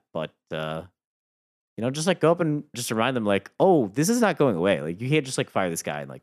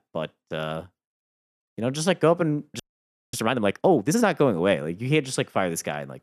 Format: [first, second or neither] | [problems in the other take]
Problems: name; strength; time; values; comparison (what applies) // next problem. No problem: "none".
first | audio freezing; at 3 s for 0.5 s